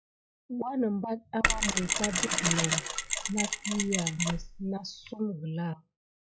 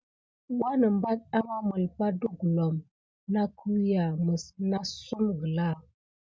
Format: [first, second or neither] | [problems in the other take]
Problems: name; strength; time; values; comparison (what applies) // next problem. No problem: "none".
second | noise reduction (classical method log-MMSE)